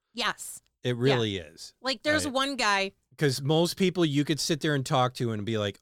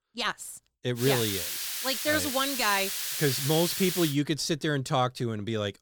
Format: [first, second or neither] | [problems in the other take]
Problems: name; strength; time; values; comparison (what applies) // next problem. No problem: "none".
first | hiss; loud; from 1 to 4 s; 2 dB below the speech